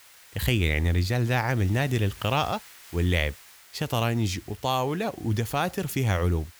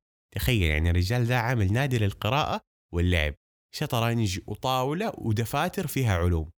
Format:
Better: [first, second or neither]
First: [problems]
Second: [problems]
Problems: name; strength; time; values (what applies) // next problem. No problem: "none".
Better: second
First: hiss; faint; throughout; 20 dB below the speech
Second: none